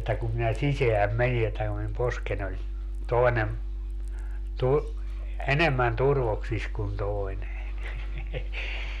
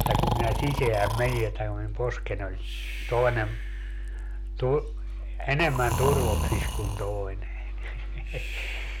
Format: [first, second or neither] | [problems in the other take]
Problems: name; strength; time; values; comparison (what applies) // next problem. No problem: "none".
first | background sound (Breathing); 5 dB below the speech